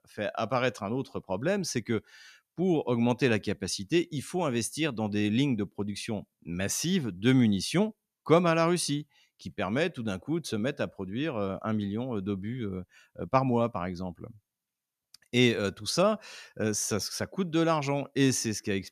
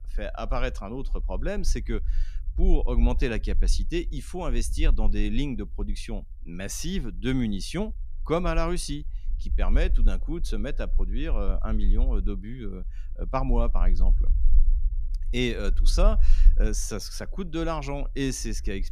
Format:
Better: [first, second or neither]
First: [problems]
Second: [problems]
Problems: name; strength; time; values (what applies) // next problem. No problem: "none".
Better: first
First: none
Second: low rumble; faint; throughout; 20 dB below the speech